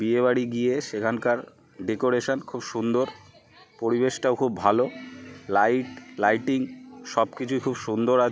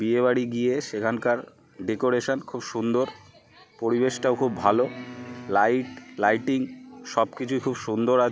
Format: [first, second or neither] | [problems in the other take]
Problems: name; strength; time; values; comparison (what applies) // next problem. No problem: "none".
first | background sound (Wind instrument, woodwind instrument); 18 dB below the speech